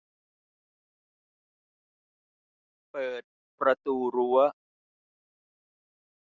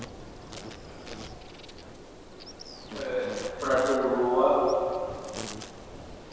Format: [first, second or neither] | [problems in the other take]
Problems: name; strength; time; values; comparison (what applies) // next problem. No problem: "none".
first | background sound (Insect); 11 dB below the speech // room echo; dies away in 1.9 s